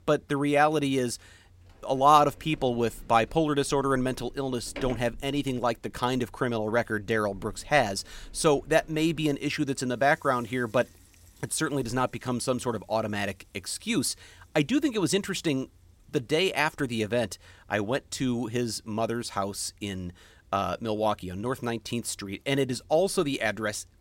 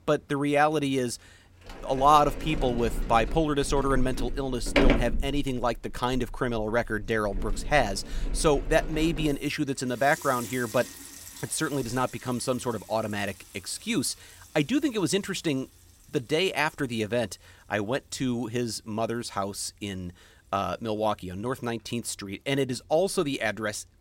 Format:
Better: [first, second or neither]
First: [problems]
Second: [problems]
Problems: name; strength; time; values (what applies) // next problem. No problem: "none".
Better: first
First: household noises; faint; throughout; 25 dB below the speech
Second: household noises; loud; throughout; 8 dB below the speech